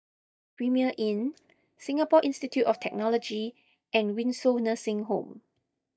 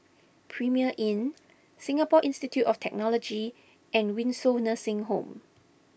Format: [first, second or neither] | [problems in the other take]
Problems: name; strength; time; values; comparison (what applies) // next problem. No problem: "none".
second | noise reduction (neural mask model DeepFilterNet 3)